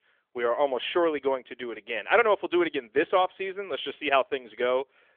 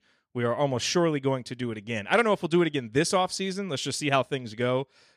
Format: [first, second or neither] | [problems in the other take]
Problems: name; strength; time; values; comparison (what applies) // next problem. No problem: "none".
second | phone-call audio; nothing above 3.5 kHz